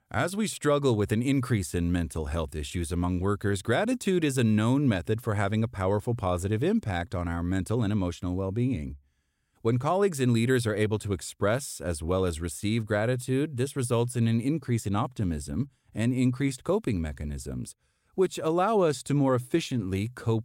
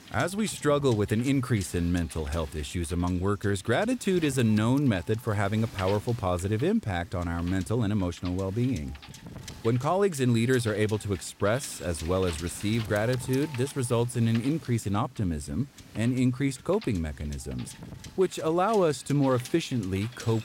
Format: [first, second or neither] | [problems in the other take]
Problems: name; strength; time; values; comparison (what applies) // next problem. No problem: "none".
first | wind noise on the microphone; occasional gusts; 15 dB below the speech